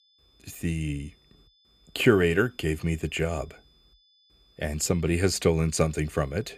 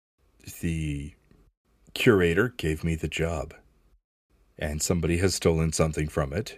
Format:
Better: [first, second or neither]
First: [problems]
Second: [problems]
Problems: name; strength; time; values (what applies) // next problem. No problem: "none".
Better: second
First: high-pitched whine; faint; throughout; 3.5 kHz, 35 dB below the speech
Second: none